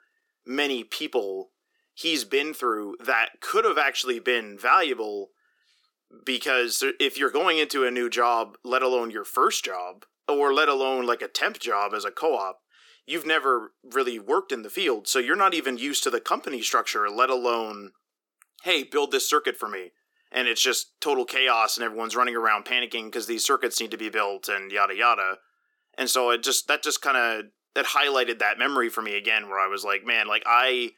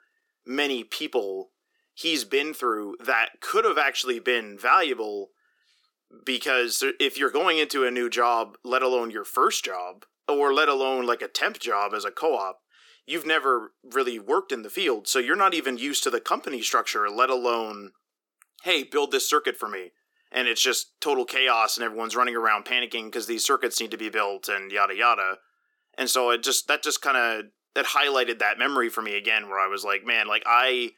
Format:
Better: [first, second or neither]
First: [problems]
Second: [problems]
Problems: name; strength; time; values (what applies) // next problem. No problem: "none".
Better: neither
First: thin; somewhat; fading below 300 Hz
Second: thin; somewhat; fading below 300 Hz